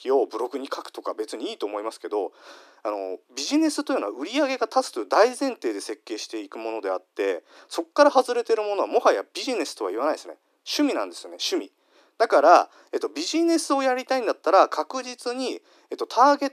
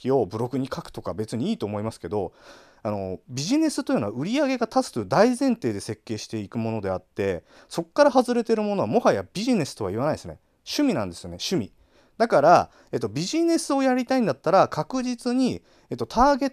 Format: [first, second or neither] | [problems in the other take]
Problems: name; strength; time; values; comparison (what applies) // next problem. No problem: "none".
second | thin; somewhat; fading below 300 Hz